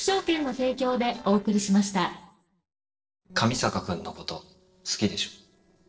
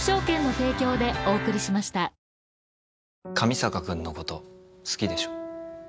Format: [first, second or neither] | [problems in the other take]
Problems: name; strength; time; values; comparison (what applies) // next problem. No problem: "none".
second | noise reduction (neural separator model SepFormer DNS4)